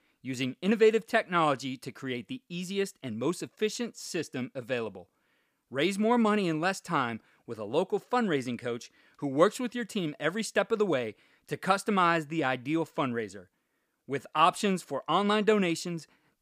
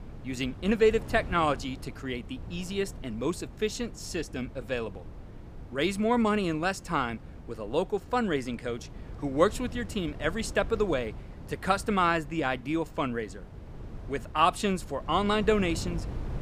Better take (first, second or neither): first